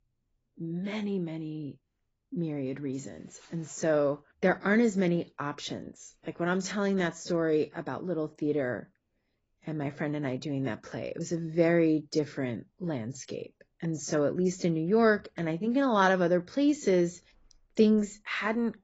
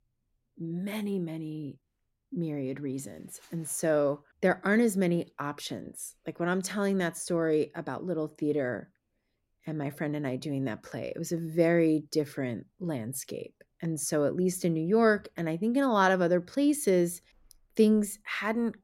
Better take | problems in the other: second | garbled, watery; badly; nothing above 7.5 kHz

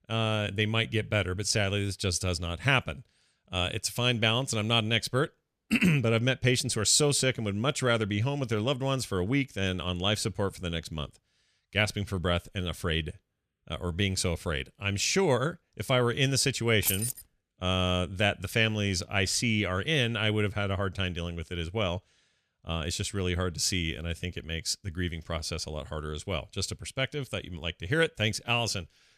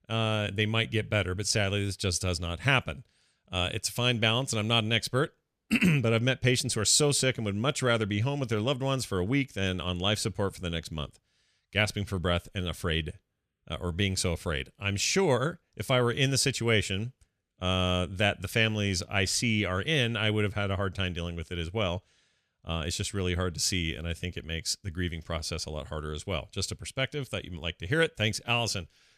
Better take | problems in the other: second | jangling keys; noticeable; at 17 s; peak level with the speech

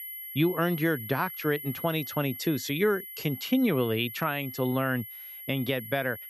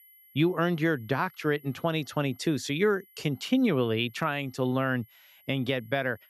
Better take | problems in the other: second | high-pitched whine; loud; throughout; 11.5 kHz, 10 dB below the speech; faint in the second

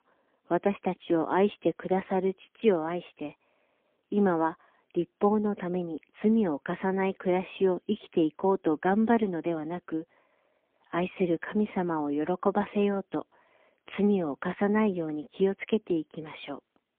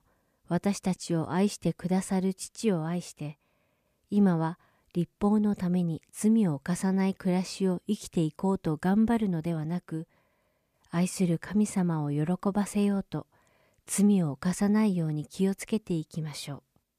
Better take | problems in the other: second | phone-call audio; poor line

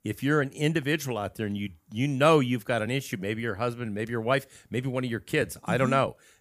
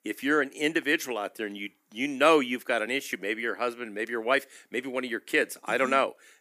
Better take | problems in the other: first | thin; very slightly; fading below 300 Hz

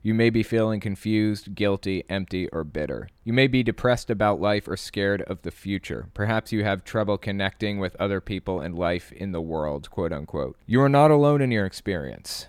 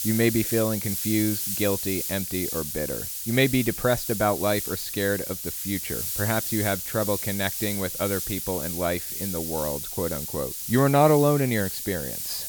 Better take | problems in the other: first | hiss; loud; throughout; 3 dB below the speech

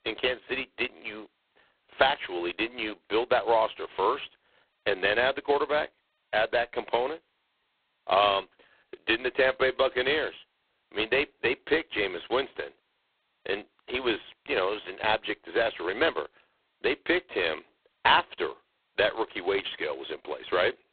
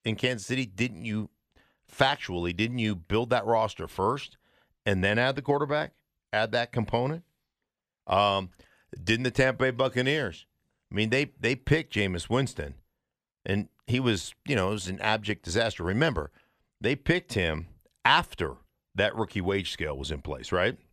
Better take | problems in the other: second | phone-call audio; poor line; nothing above 3.5 kHz

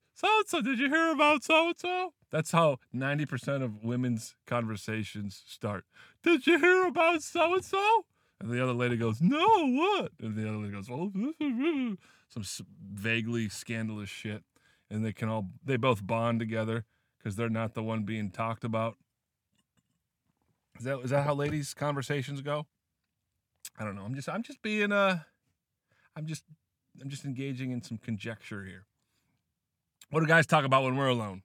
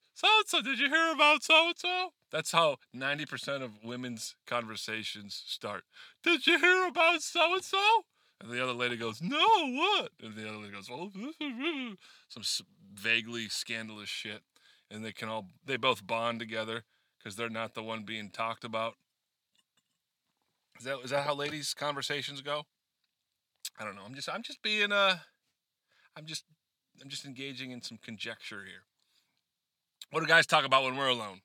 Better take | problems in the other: first | thin; somewhat; fading below 750 Hz

